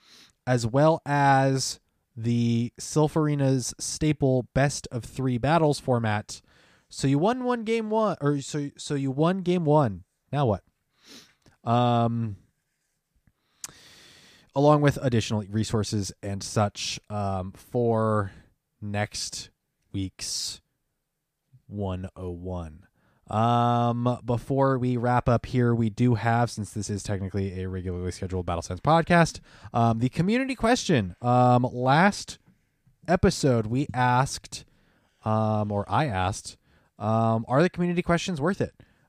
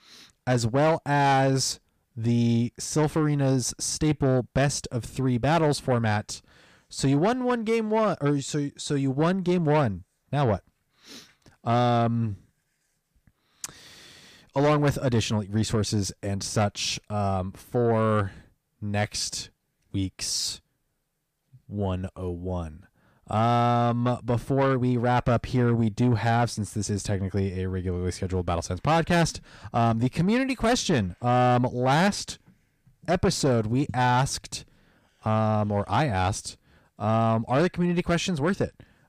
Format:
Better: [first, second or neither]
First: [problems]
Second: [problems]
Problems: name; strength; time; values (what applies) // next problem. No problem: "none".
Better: first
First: none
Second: distortion; slight; 10 dB below the speech